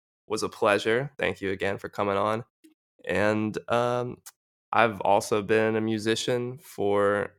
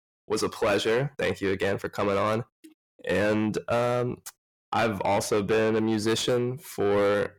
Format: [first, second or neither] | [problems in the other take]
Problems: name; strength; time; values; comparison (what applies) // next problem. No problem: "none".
first | distortion; heavy; 6 dB below the speech